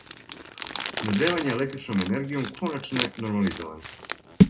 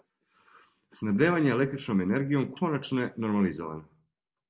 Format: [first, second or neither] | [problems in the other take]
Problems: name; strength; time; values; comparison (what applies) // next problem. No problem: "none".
second | background sound (Crumpling, crinkling); as loud as the speech // room echo; dies away in 0.2 s